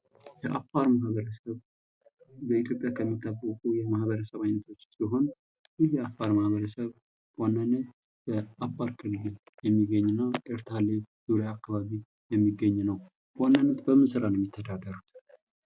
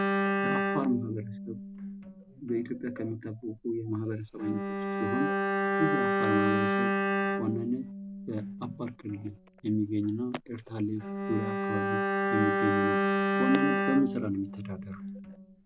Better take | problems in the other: first | background sound (Bowed string instrument); 2 dB above the speech

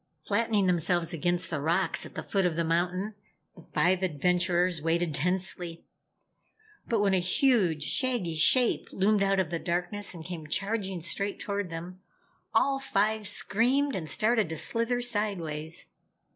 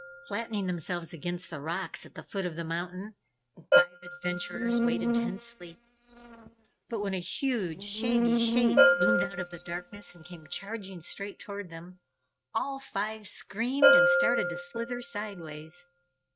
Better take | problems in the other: first | noise reduction (neural mask model RNNoise)

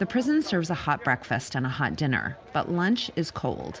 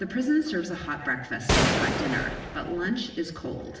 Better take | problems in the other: first | background sound (Gunshot, gunfire); 2 dB above the speech // room echo; dies away in 0.9 s

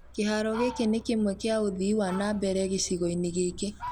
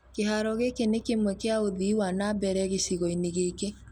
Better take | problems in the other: second | background sound (Fowl); 16 dB below the speech

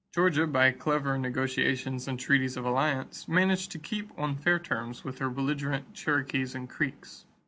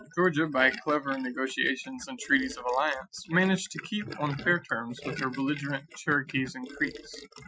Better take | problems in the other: first | noise reduction (classical method Wiener filter)

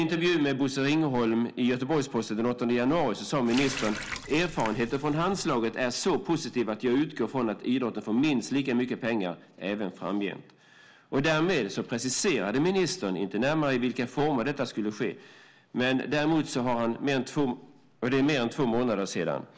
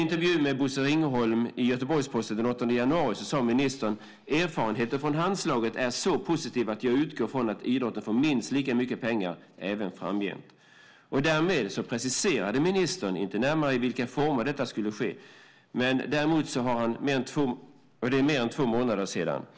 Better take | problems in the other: second | background sound (Water tap, faucet); 11 dB below the speech

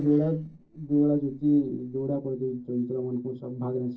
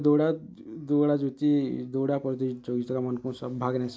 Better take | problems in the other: second | noise reduction (neural separator model SepFormer DNS4)

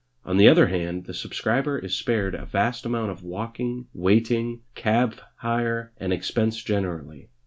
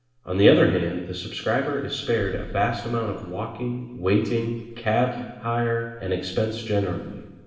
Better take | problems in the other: first | room echo; dies away in 1.2 s

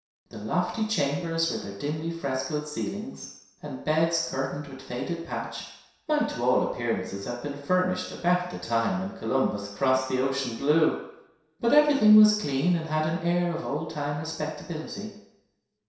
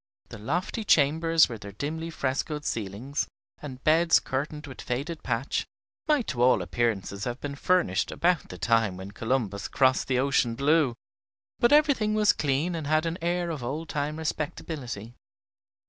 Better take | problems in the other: second | room echo; dies away in 0.7 s

